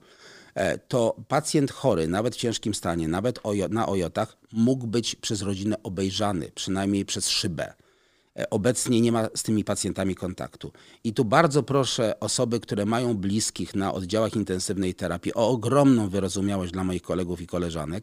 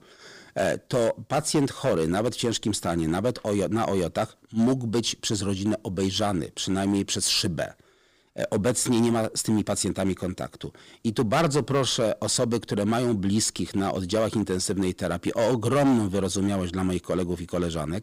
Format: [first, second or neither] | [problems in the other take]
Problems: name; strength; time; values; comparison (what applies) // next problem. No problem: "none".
first | distortion; slight; 5% of the sound clipped